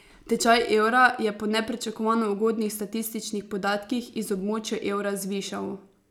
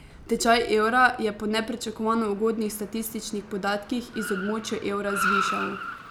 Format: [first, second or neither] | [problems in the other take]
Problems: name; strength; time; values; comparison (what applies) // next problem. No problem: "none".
first | background sound (Car); 8 dB below the speech